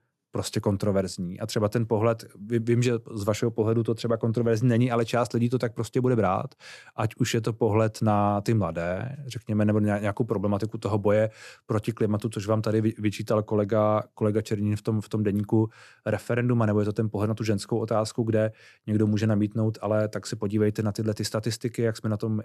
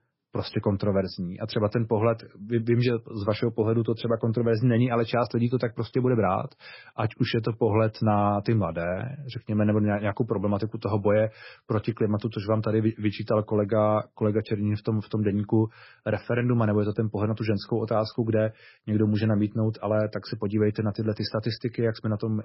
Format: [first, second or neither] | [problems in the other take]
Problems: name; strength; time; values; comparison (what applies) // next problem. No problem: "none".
first | garbled, watery; badly; nothing above 5.5 kHz